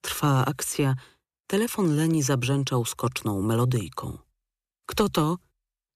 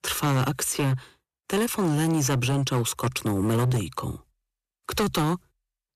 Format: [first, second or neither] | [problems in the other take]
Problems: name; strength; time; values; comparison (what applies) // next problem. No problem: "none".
first | distortion; slight; 14% of the sound clipped